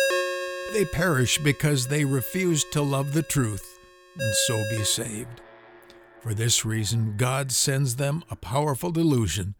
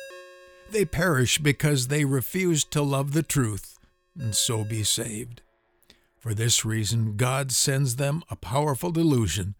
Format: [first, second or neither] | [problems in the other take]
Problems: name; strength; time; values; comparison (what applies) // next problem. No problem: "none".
second | alarms or sirens; loud; throughout; 9 dB below the speech; faint in the second